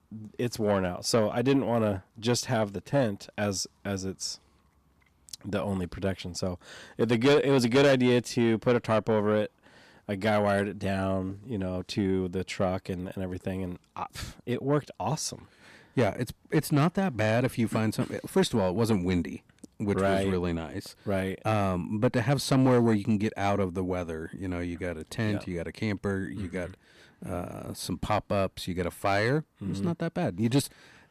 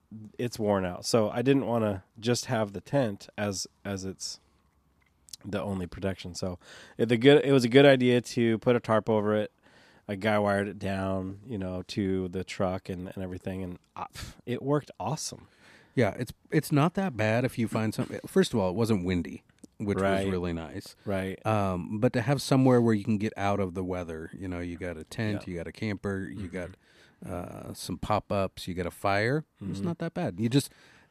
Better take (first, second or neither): second